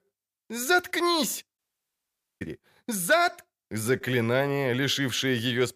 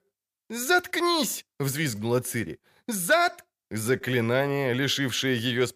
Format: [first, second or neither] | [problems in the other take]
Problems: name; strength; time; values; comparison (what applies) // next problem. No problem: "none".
second | audio cutting out; at 1.5 s for 1 s